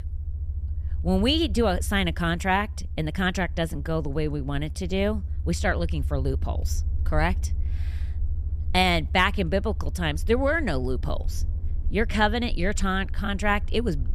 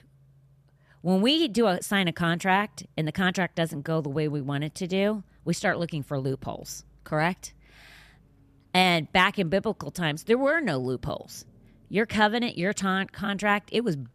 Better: second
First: low rumble; faint; throughout; 25 dB below the speech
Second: none

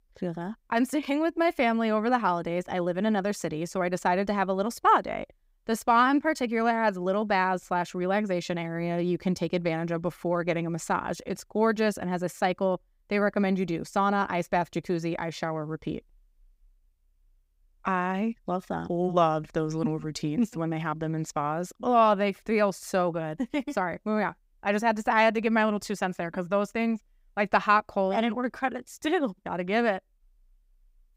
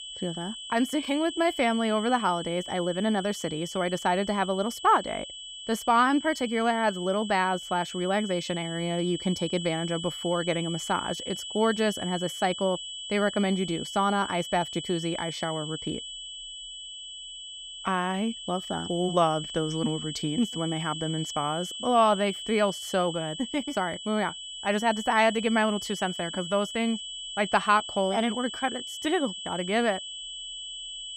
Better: first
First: none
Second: high-pitched whine; loud; throughout; 3 kHz, 8 dB below the speech

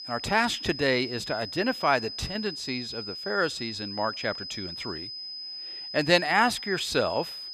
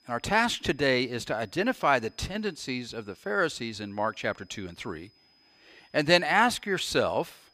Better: second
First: high-pitched whine; loud; throughout; 5 kHz, 8 dB below the speech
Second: high-pitched whine; faint; throughout; 5 kHz, 35 dB below the speech

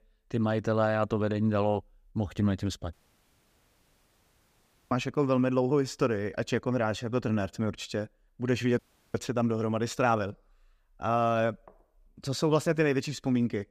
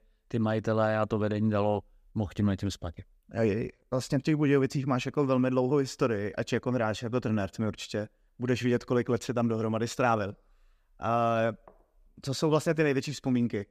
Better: second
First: audio cutting out; at 3 s for 2 s and at 9 s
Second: none

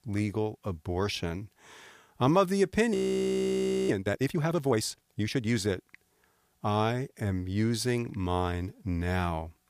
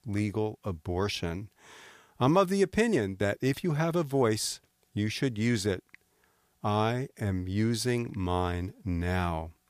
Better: second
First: audio freezing; at 3 s for 1 s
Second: none

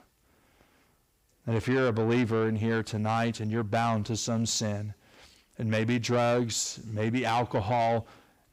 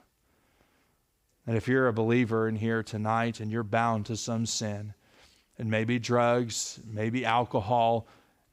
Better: second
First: distortion; slight; 10 dB below the speech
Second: none

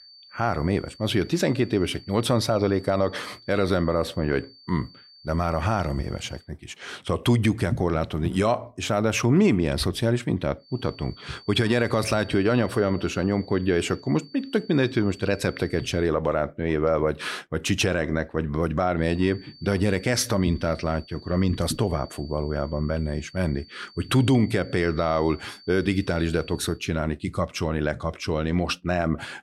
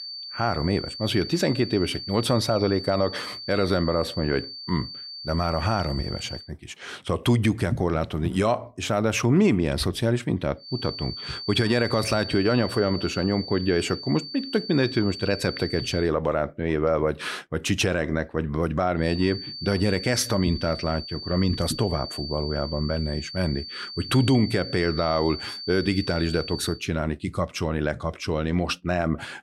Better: first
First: high-pitched whine; faint; until 6.5 s, from 11 to 16 s and from 19 to 27 s; 4.5 kHz, 25 dB below the speech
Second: high-pitched whine; loud; until 6.5 s, from 11 to 16 s and from 19 to 27 s; 4.5 kHz, 9 dB below the speech

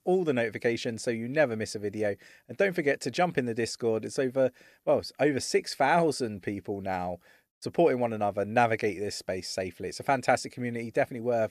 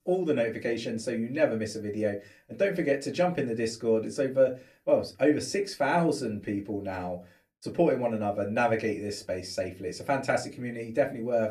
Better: first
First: none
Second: off-mic speech; far // room echo; very slight; dies away in 0.2 s

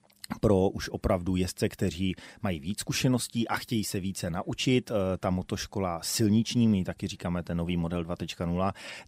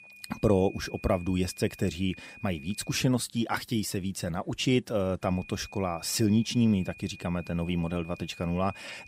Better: first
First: none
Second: high-pitched whine; noticeable; until 3 s and from 5 s on; 2.5 kHz, 20 dB below the speech

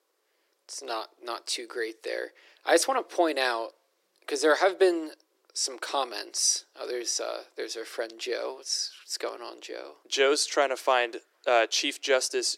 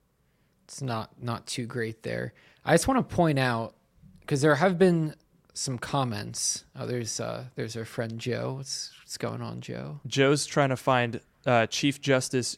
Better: second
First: thin; very; fading below 350 Hz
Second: none

